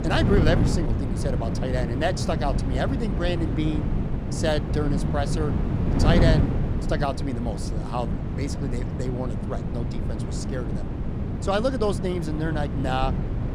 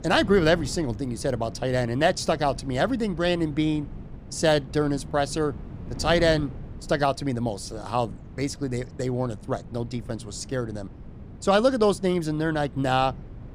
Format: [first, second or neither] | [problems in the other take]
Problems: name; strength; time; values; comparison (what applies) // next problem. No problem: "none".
second | wind noise on the microphone; heavy; 5 dB below the speech; occasional gusts in the second